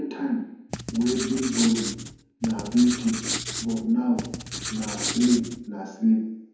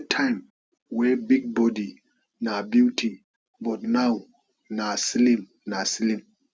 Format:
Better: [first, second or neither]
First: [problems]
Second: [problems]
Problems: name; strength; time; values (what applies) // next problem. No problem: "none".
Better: second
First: background sound (Writing); 7 dB below the speech // room echo; dies away in 0.9 s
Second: none